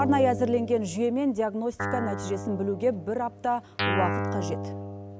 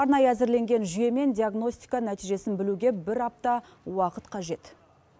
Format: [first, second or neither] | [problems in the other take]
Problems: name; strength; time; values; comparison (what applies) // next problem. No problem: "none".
second | background sound (Guitar); 5 dB below the speech